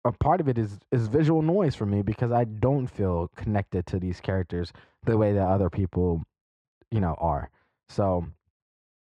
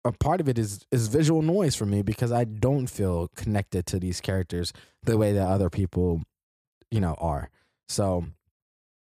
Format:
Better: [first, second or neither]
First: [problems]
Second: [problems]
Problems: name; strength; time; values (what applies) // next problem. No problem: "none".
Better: second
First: muffled; very; fading above 2.5 kHz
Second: none